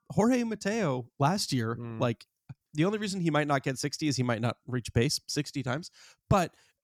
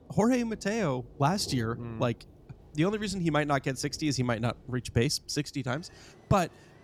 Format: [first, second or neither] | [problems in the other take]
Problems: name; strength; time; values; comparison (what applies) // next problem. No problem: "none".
first | rain or running water; faint; throughout; 20 dB below the speech